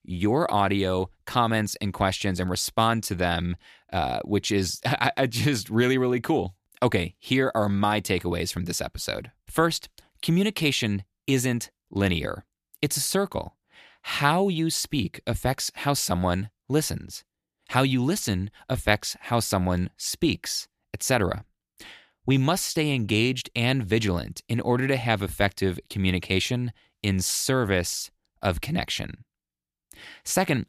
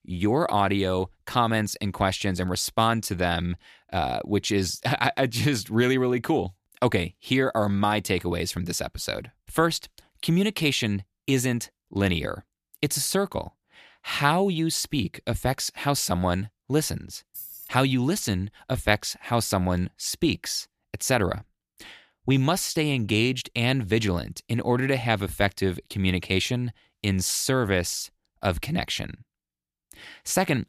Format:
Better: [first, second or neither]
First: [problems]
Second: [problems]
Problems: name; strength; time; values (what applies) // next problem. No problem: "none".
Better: first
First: none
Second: jangling keys; faint; at 17 s; peak 10 dB below the speech